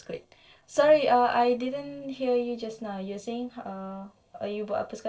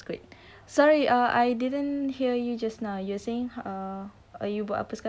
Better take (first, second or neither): second